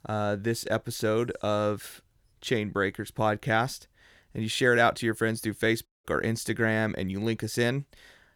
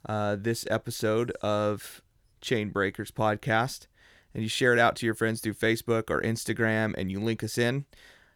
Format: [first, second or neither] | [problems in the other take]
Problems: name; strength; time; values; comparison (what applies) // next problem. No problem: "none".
second | audio cutting out; at 6 s